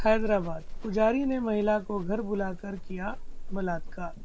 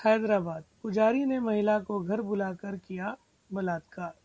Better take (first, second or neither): second